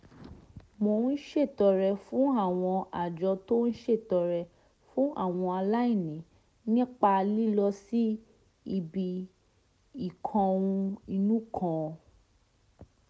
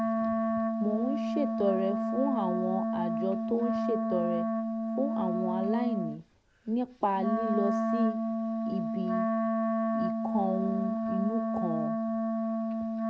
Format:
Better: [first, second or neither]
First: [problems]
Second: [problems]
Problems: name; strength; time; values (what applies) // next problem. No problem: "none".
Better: first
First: none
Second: background sound (Wind instrument, woodwind instrument); 3 dB above the speech